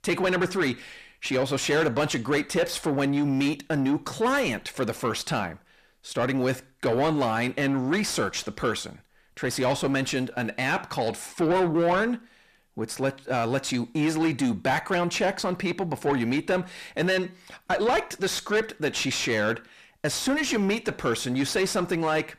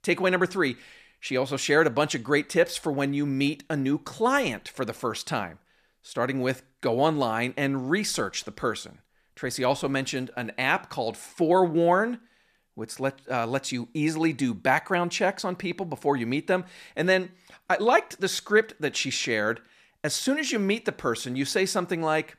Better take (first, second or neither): second